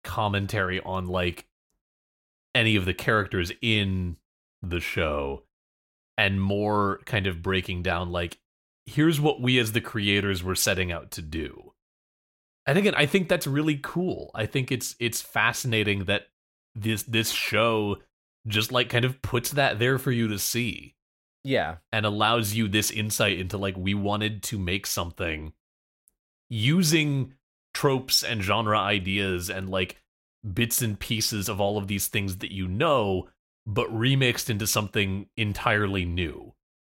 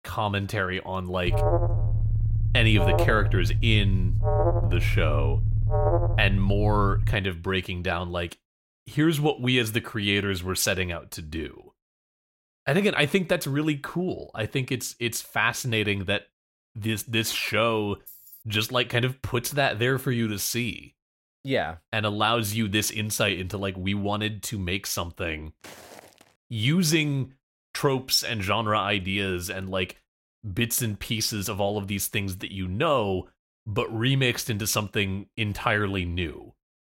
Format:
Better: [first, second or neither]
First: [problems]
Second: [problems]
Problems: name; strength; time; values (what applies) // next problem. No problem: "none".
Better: first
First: none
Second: alarm; loud; from 1.5 to 7 s; peak 3 dB above the speech // jangling keys; faint; at 18 s; peak 20 dB below the speech // footsteps; faint; at 26 s; peak 20 dB below the speech